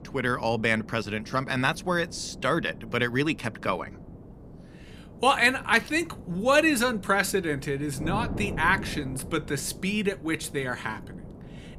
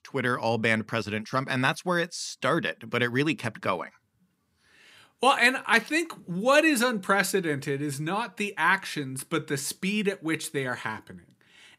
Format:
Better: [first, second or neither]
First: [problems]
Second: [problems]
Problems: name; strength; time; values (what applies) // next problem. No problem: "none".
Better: second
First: wind noise on the microphone; occasional gusts; 20 dB below the speech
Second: none